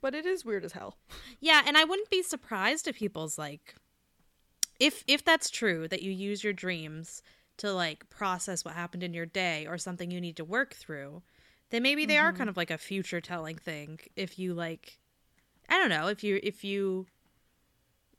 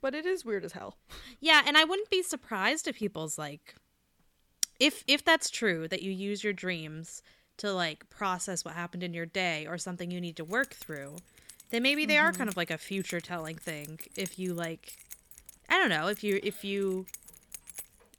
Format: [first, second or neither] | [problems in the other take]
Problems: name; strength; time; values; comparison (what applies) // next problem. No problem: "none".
first | jangling keys; faint; from 10 s on; peak 15 dB below the speech